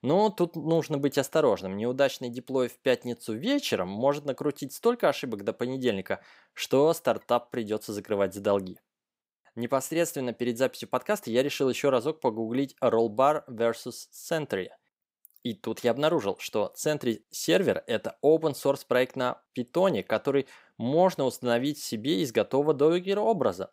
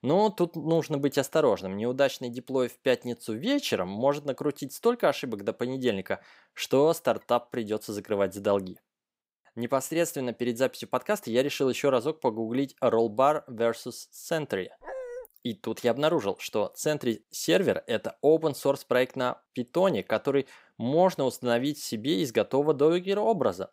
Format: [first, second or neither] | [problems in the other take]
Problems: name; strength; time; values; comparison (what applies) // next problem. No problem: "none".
first | dog barking; faint; at 15 s; peak 10 dB below the speech